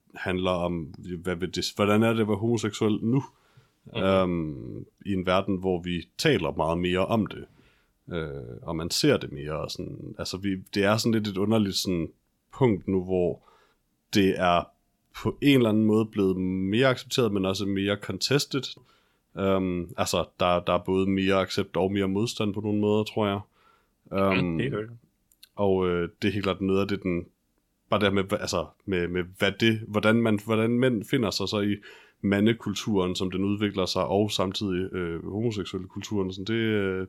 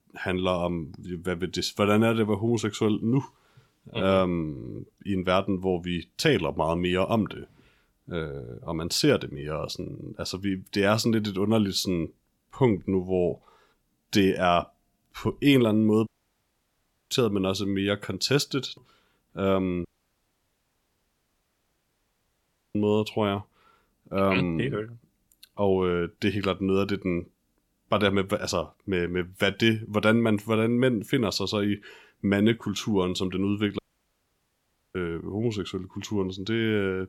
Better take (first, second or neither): first